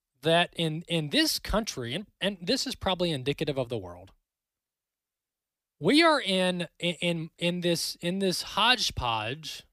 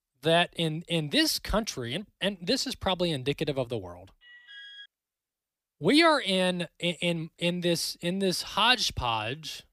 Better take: first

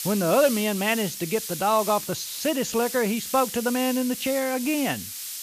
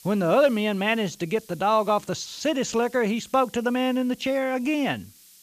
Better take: second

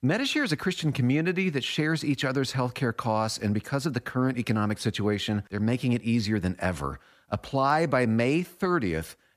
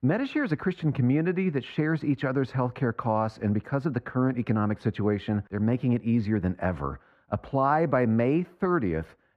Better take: first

